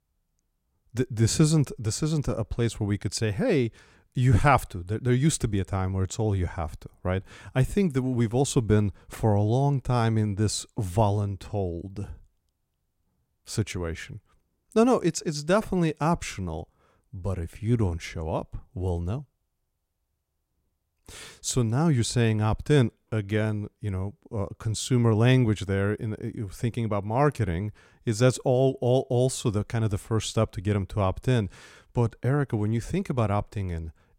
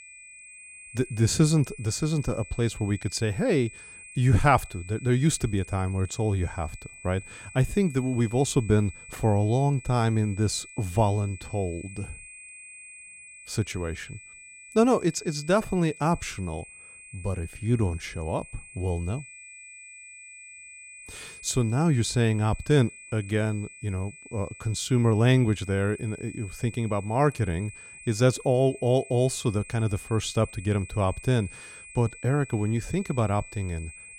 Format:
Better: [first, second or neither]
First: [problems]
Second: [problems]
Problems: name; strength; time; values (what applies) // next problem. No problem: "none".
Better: first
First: none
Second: high-pitched whine; noticeable; throughout; 2.5 kHz, 15 dB below the speech